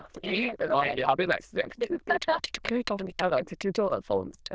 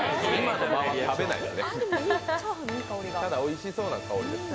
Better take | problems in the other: second | noise reduction (neural diffusion model UNIVERSE++)

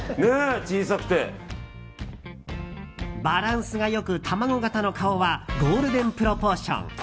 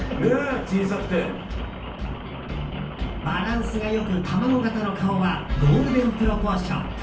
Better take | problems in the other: first | background sound (Rain); 12 dB below the speech // room echo; dies away in 0.4 s

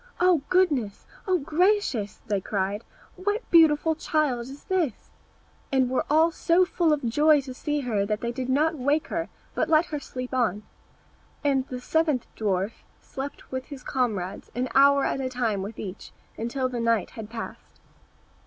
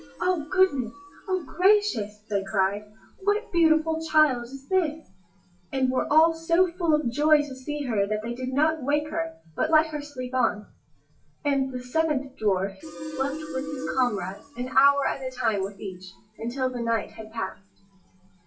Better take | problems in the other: first | noise reduction (classical method WPE with log-MMSE)

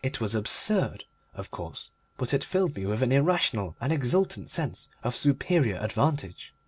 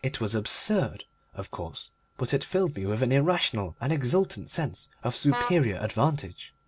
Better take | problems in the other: first | background sound (Vehicle horn, car horn, honking); 9 dB below the speech

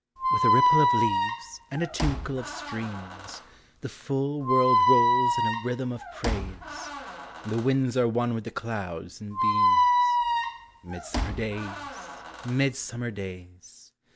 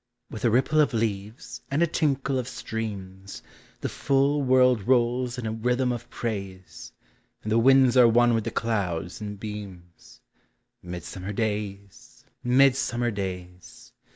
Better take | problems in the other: second | background sound (Squeak); 4 dB above the speech

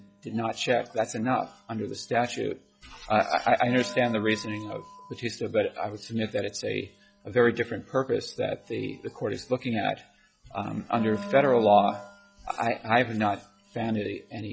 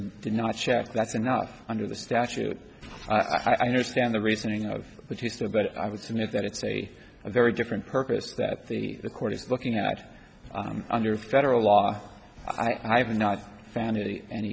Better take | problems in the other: second | noise reduction (classical method log-MMSE)

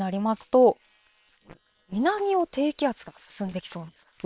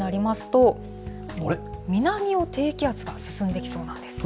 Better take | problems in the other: second | noise reduction (neural separator model SepFormer WHAM!)

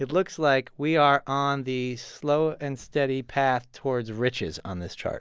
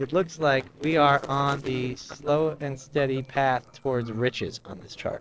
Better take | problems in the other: first | noise reduction (neural separator model SepFormer DNS4)

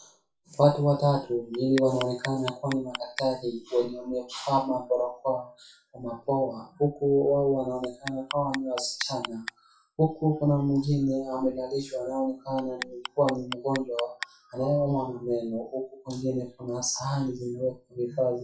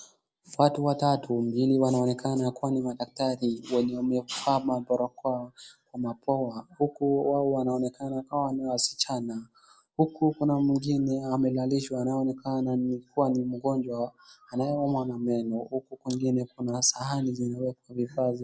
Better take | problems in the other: second | noise reduction (classical method WPE with log-MMSE)

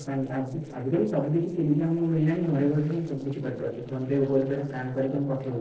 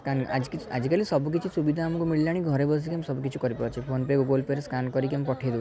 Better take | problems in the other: second | noise reduction (neural separator model SepFormer DNS4)

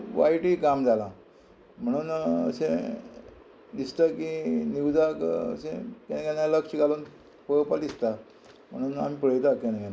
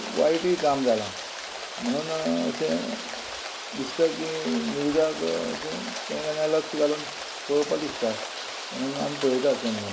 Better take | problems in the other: first | background sound (Rain); 8 dB below the speech

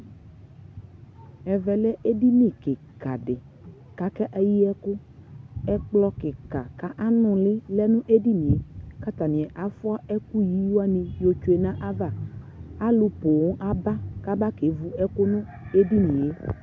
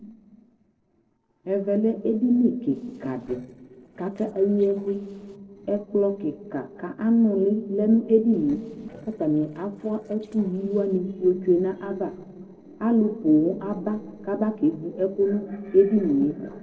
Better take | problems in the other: first | noise reduction (neural separator model SepFormer DNS4)

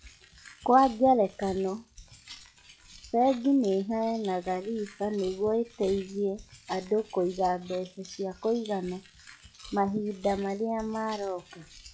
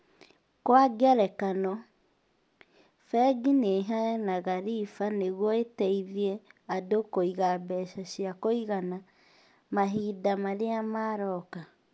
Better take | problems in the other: second | noise reduction (classical method log-MMSE)

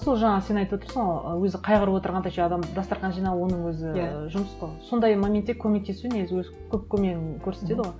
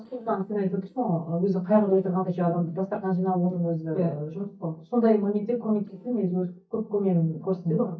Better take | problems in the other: first | noise reduction (neural mask model DeepFilterNet 3)

